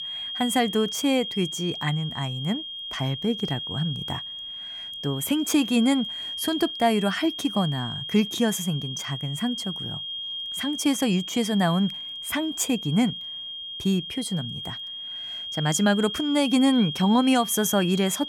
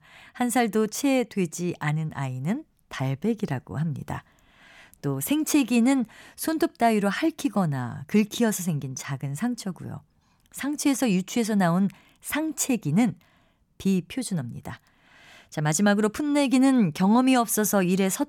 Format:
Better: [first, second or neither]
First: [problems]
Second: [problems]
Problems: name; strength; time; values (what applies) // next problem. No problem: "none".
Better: second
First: high-pitched whine; loud; throughout; 3 kHz, 7 dB below the speech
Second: none